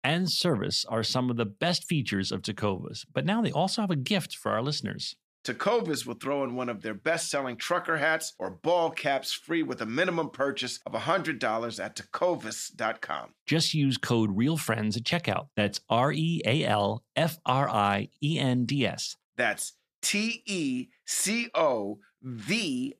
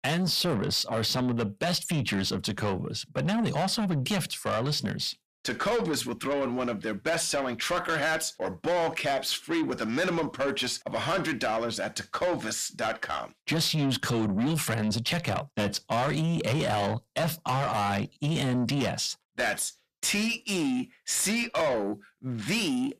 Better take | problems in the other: first | distortion; heavy; 7 dB below the speech

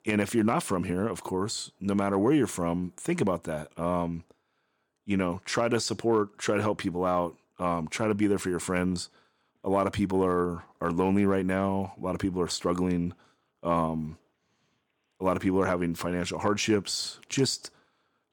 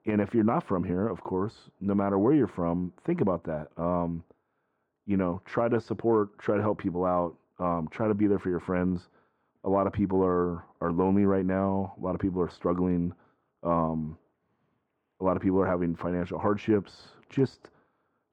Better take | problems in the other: first | muffled; very; fading above 3.5 kHz

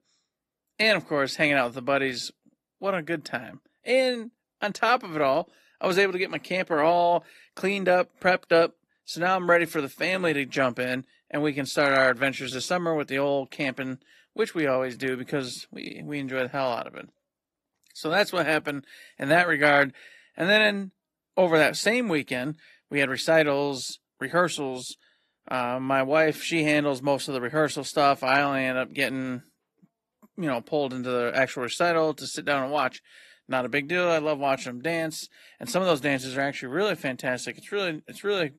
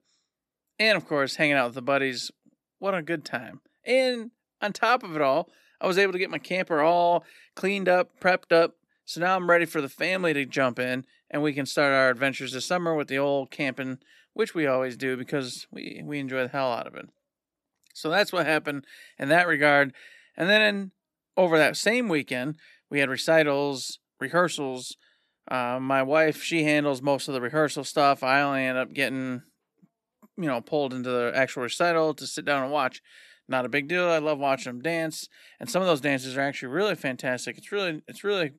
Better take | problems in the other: second | garbled, watery; slightly; nothing above 13.5 kHz

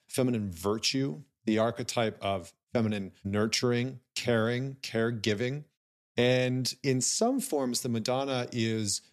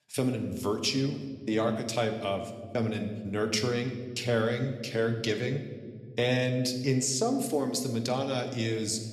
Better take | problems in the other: first | room echo; slight; dies away in 1.1 s

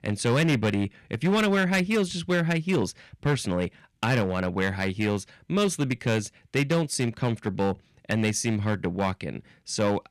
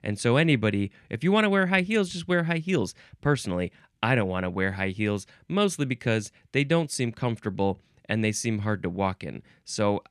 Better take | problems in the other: second | distortion; slight; 7% of the sound clipped

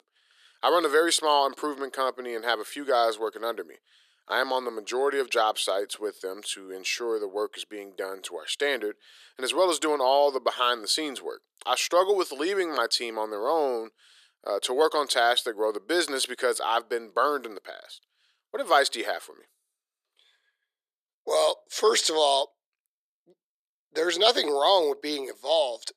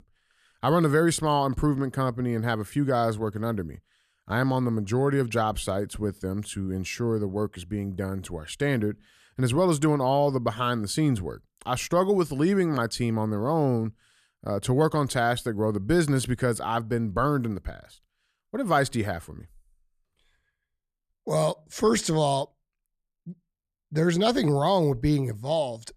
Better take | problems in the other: second | thin; very; fading below 400 Hz

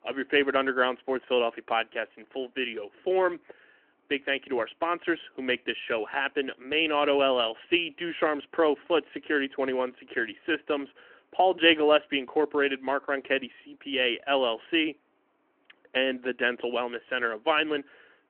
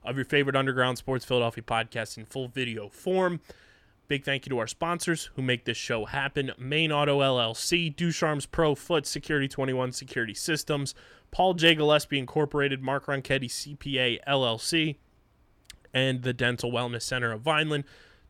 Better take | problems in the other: second | phone-call audio; nothing above 3 kHz

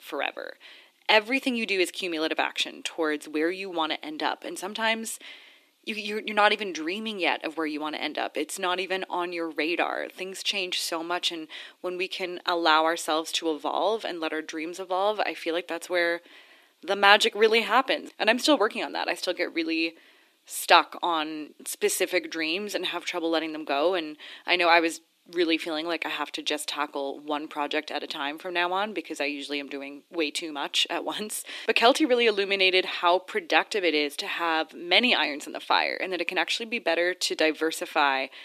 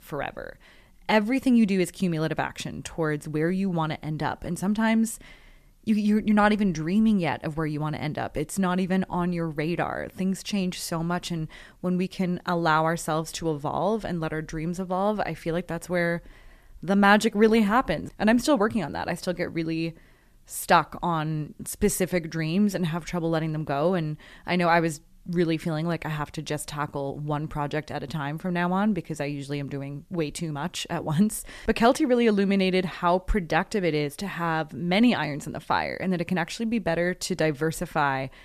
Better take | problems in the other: second | thin; somewhat; fading below 300 Hz

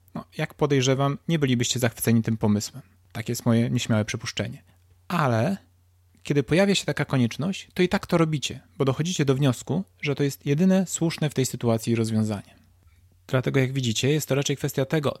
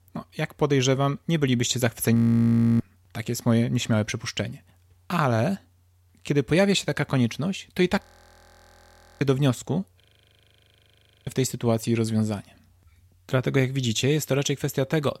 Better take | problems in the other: first | audio freezing; at 2 s for 0.5 s, at 8 s for 1 s and at 10 s for 1.5 s

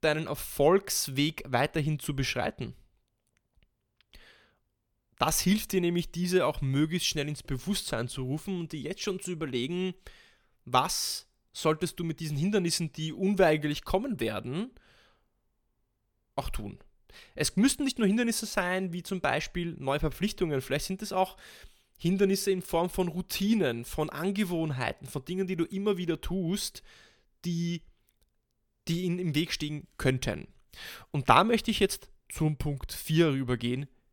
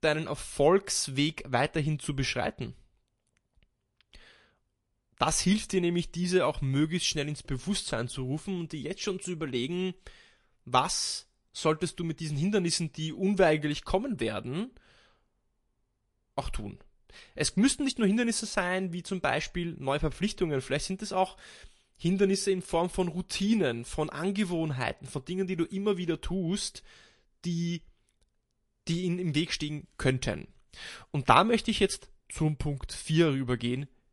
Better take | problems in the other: first | garbled, watery; slightly; nothing above 11 kHz

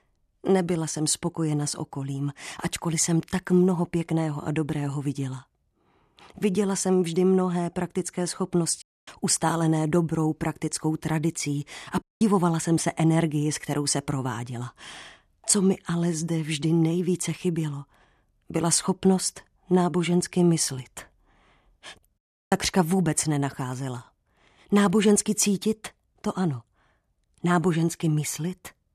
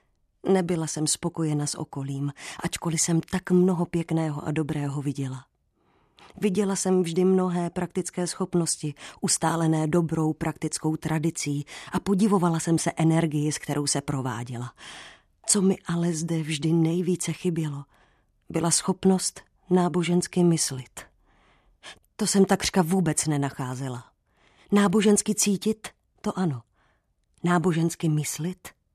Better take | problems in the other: second | audio cutting out; at 9 s, at 12 s and at 22 s

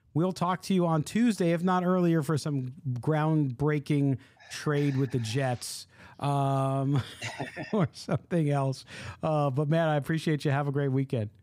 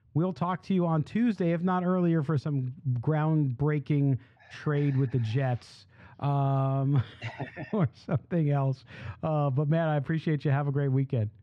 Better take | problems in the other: first | muffled; slightly; fading above 3 kHz

